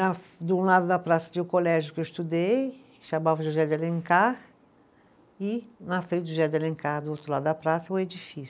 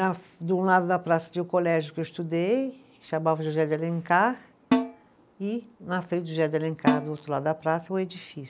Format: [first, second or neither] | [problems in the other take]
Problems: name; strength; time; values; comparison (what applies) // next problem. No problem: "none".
first | background sound (Snare drum); 3 dB below the speech